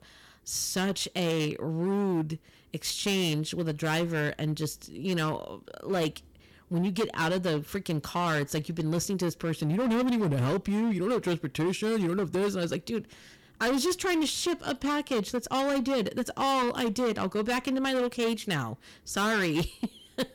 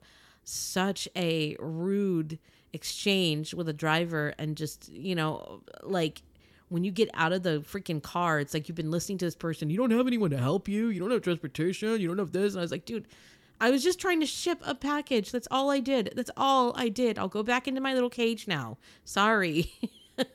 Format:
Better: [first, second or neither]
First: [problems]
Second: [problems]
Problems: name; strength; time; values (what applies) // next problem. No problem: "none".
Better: second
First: distortion; heavy; 16% of the sound clipped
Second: none